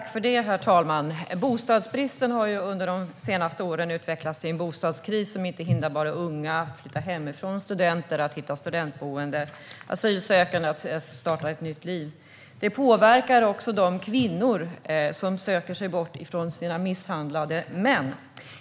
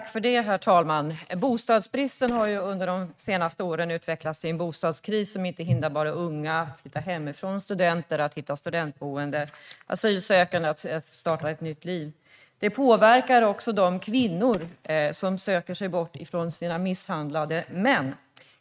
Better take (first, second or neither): first